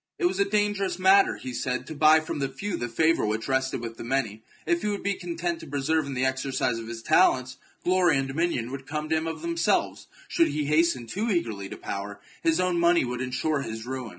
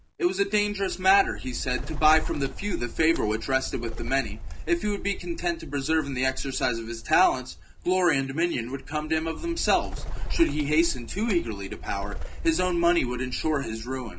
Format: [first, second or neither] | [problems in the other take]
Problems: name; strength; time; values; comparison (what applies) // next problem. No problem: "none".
first | background sound (Bird); 6 dB below the speech